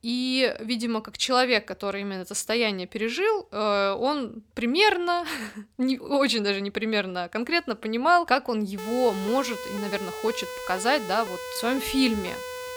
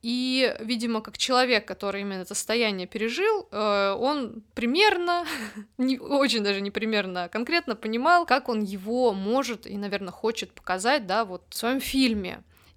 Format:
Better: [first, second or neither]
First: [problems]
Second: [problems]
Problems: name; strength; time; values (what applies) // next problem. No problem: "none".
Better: second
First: siren; noticeable; from 9 s on; peak 9 dB below the speech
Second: none